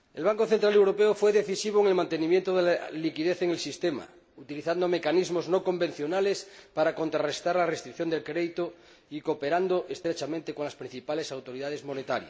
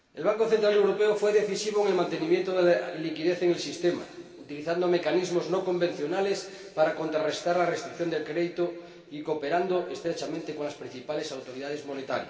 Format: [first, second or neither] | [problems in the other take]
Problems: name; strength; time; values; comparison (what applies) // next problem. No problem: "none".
first | room echo; dies away in 2.2 s